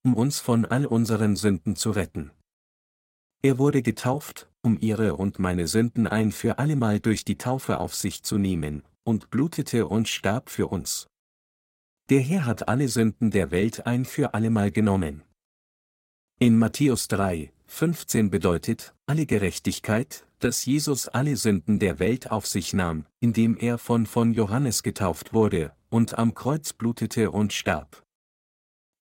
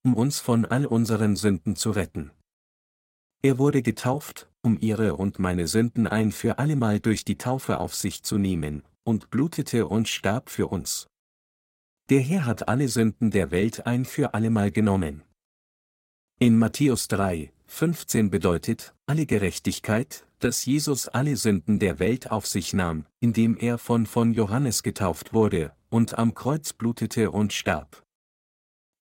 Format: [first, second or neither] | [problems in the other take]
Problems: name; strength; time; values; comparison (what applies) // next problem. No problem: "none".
neither | none